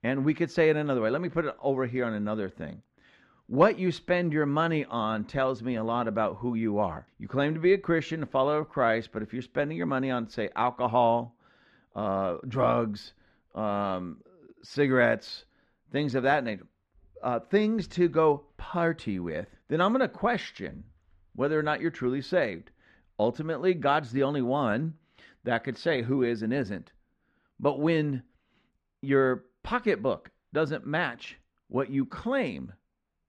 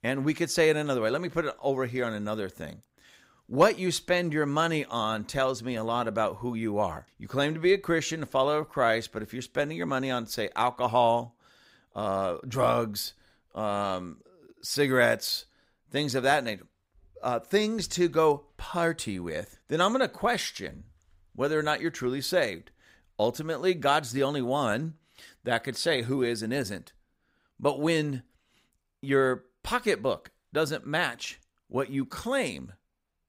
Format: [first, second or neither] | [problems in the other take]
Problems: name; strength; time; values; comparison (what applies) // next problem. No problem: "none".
second | muffled; slightly; fading above 2.5 kHz